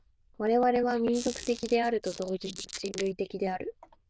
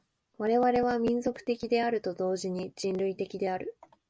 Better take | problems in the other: second | noise reduction (neural diffusion model UNIVERSE++)

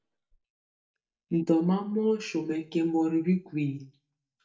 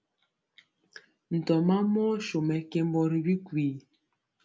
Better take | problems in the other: second | noise reduction (neural mask model DeepFilterNet 3)

